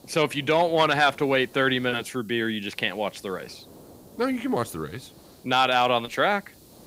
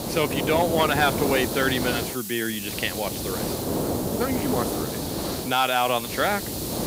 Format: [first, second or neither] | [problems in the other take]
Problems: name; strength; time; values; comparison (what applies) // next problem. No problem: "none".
first | hiss; loud; throughout; 3 dB below the speech; faint in the first